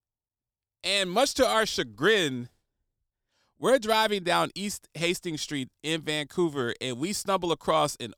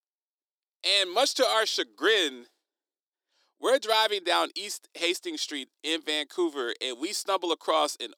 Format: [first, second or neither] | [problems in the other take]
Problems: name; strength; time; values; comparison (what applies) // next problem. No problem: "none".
first | thin; somewhat; fading below 300 Hz